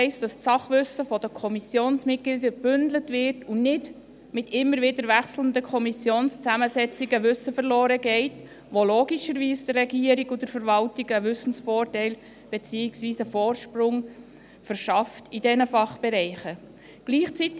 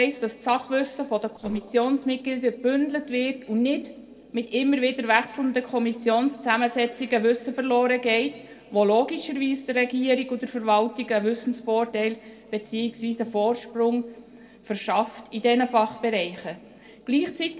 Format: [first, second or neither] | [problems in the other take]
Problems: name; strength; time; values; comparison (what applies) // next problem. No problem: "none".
first | noise reduction (neural separator model SepFormer DNS4)